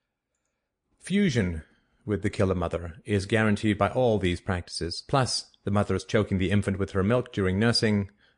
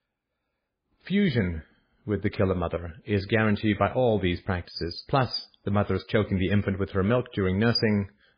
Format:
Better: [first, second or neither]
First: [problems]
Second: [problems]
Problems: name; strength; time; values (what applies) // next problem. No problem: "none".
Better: first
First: garbled, watery; slightly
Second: garbled, watery; badly